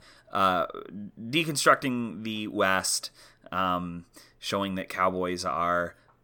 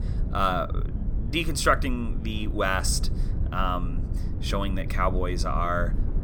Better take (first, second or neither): first